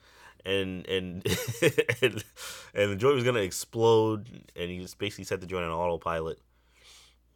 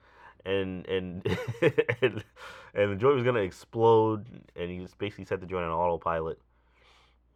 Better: first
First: none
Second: muffled; very; fading above 4 kHz

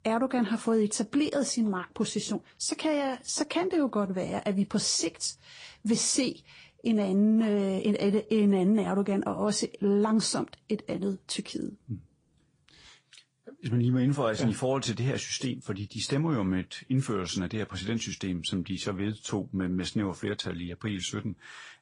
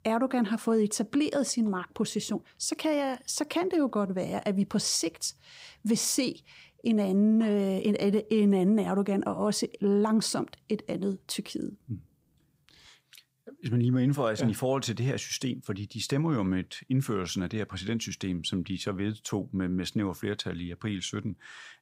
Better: second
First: garbled, watery; slightly; nothing above 9 kHz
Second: none

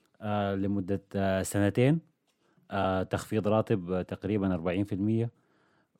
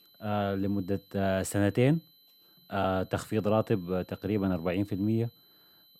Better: first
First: none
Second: high-pitched whine; faint; throughout; 4 kHz, 25 dB below the speech

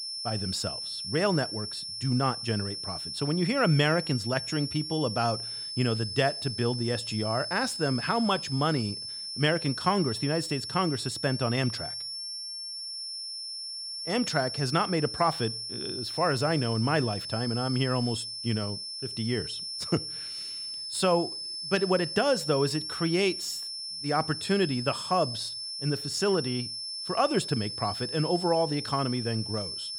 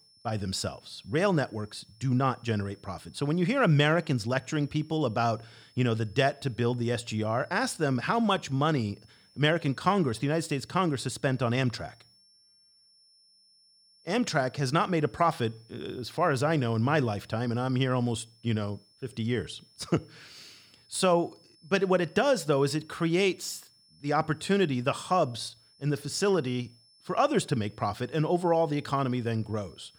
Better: second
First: high-pitched whine; loud; throughout; 5.5 kHz, 5 dB below the speech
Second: high-pitched whine; faint; throughout; 5.5 kHz, 30 dB below the speech

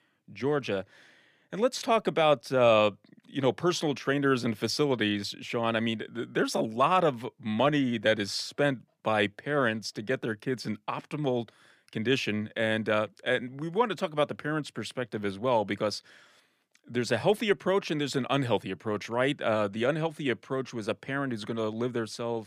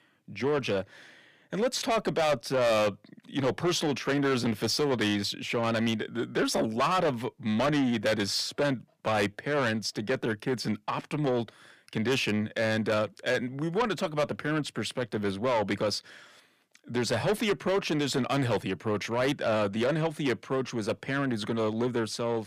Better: first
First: none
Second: distortion; heavy; 7 dB below the speech

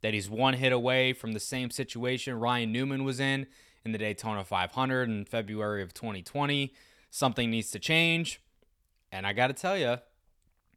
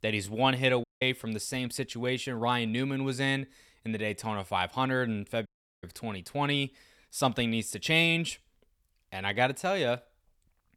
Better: first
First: none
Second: audio cutting out; at 1 s and at 5.5 s

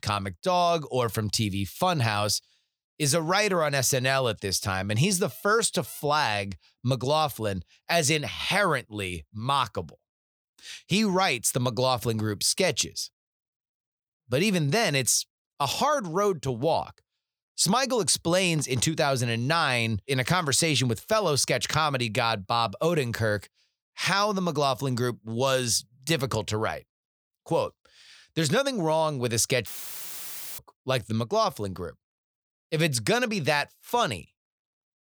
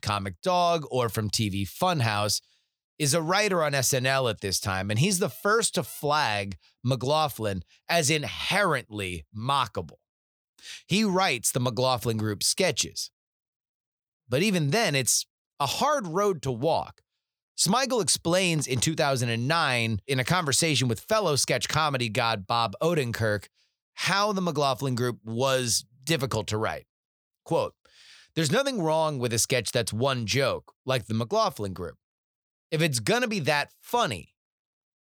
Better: second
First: audio cutting out; filled with static; at 30 s for 1 s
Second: none

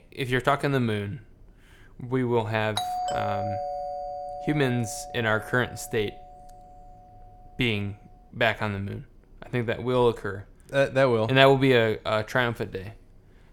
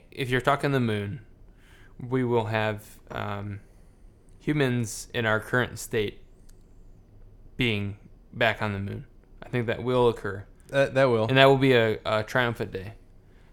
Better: second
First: doorbell; noticeable; from 3 to 5.5 s; peak 4 dB below the speech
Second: none

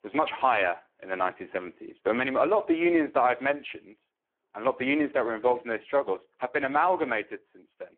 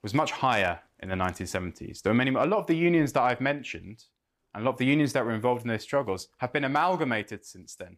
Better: second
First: phone-call audio; poor line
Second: none

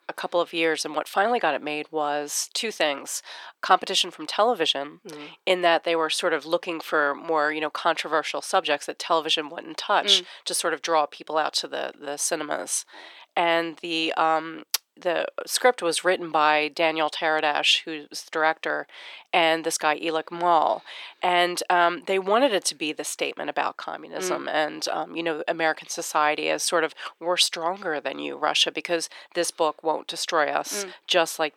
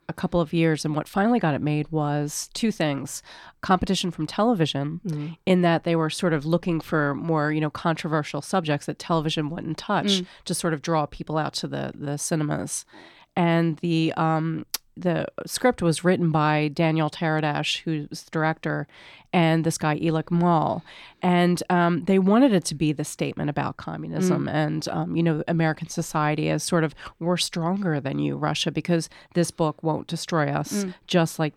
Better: second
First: thin; very; fading below 450 Hz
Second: none

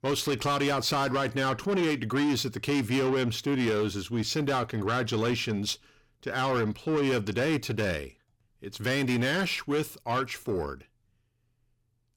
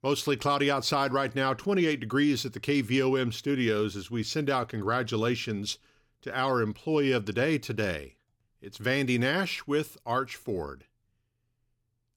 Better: second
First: distortion; slight; 10 dB below the speech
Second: none

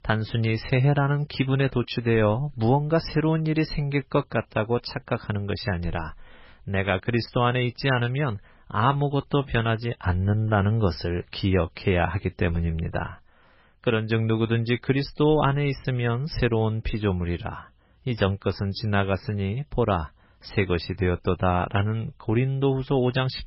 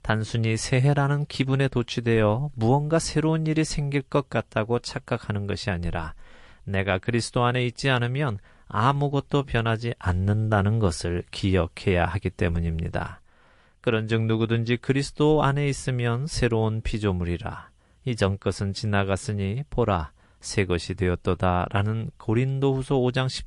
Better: second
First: garbled, watery; badly; nothing above 5.5 kHz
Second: garbled, watery; slightly; nothing above 10 kHz

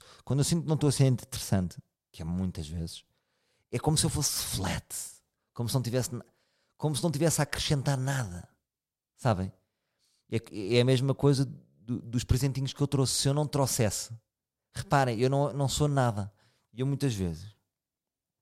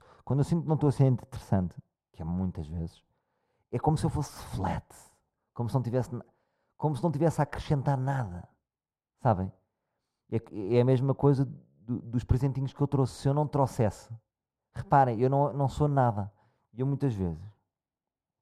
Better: first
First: none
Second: muffled; very; fading above 2 kHz

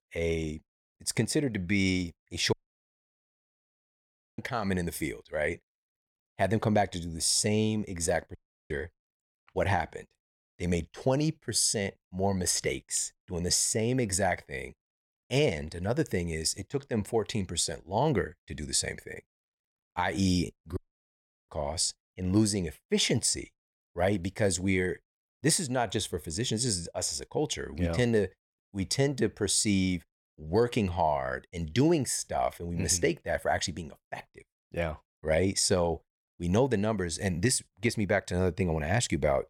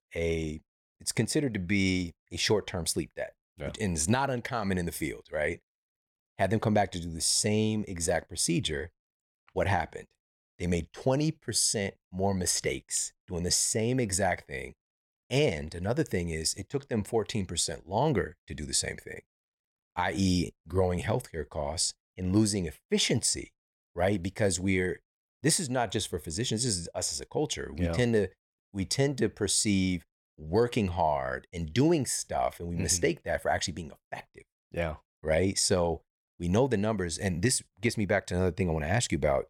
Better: second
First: audio cutting out; at 2.5 s for 2 s, at 8.5 s and at 21 s for 0.5 s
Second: none

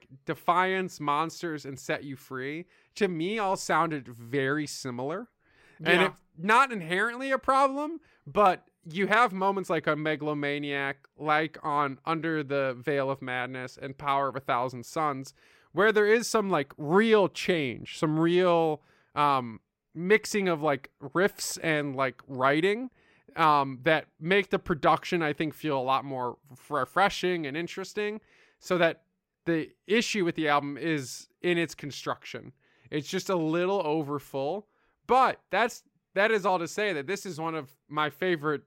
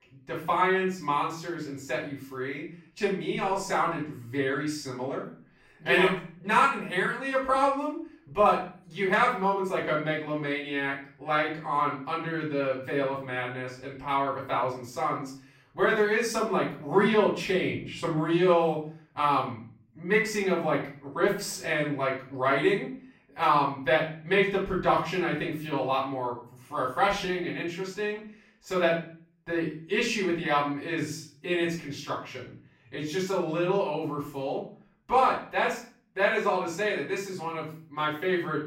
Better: first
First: none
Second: off-mic speech; far // room echo; noticeable; dies away in 0.4 s

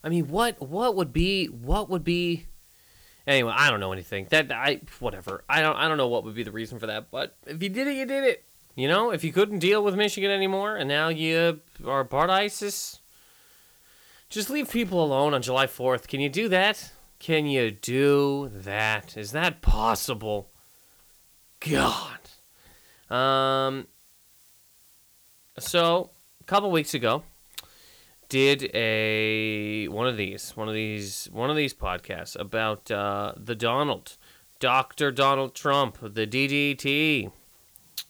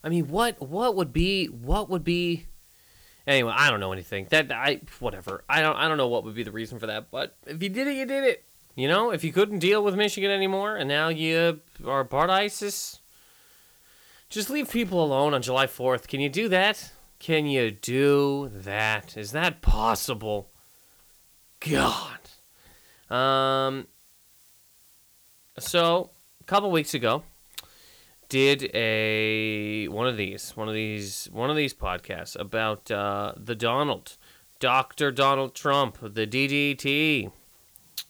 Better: neither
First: hiss; faint; throughout; 30 dB below the speech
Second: hiss; faint; throughout; 30 dB below the speech

